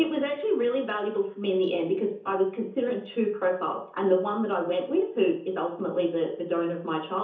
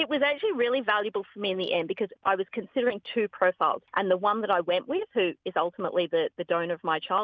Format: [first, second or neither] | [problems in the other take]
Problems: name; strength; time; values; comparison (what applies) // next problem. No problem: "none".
second | room echo; dies away in 0.6 s